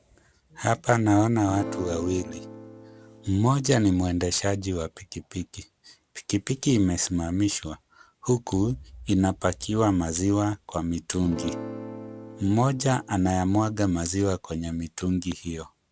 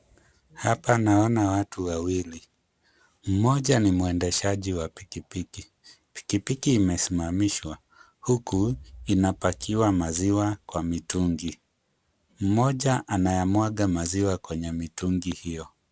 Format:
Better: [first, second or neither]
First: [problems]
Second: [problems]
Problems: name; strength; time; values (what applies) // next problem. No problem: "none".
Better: second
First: background sound (Acoustic guitar / Strum); 12 dB below the speech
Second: none